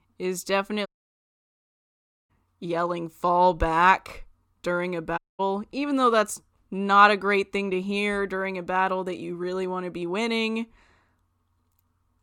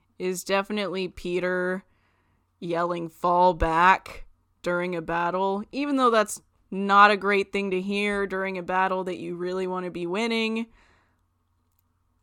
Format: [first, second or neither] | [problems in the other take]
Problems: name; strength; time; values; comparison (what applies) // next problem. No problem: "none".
second | audio cutting out; at 1 s for 1.5 s and at 5 s